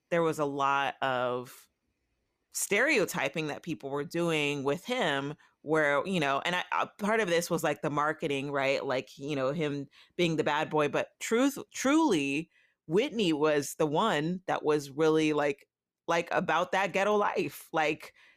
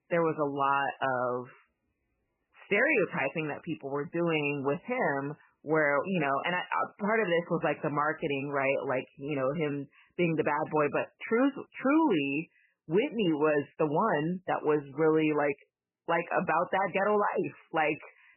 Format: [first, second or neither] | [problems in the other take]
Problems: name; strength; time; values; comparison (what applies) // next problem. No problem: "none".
first | garbled, watery; badly; nothing above 3 kHz